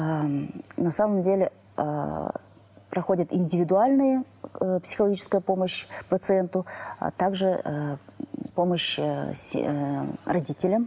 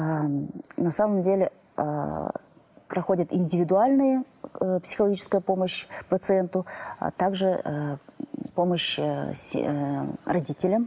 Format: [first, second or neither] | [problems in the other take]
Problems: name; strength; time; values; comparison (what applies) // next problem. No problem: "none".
first | noise reduction (neural mask model Resemble Enhance denoiser)